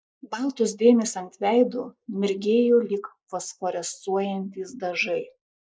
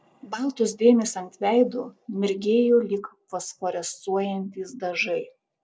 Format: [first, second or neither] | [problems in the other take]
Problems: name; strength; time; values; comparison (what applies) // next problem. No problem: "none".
second | noise reduction (neural mask model Resemble Enhance denoiser)